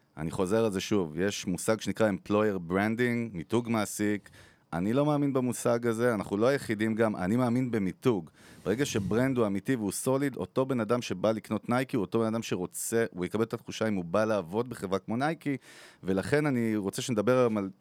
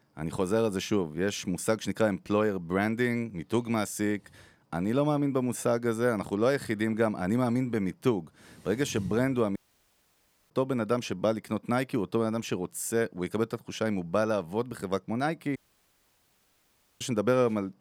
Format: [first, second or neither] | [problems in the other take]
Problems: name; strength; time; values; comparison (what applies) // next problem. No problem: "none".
first | audio cutting out; at 9.5 s for 1 s and at 16 s for 1.5 s